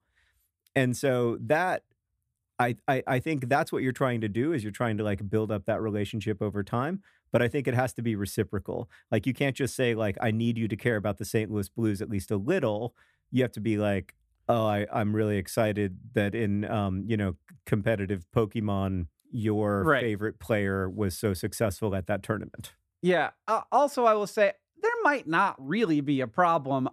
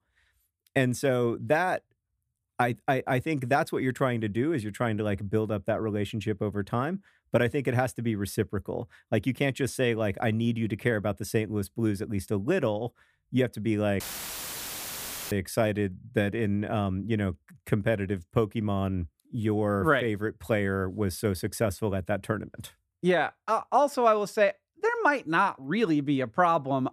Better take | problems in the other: first | audio cutting out; filled with static; at 14 s for 1.5 s

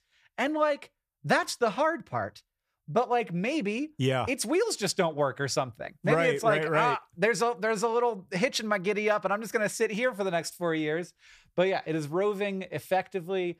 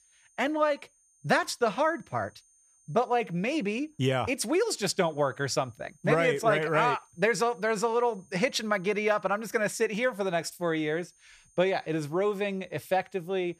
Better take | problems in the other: first | high-pitched whine; faint; throughout; 6.5 kHz, 35 dB below the speech

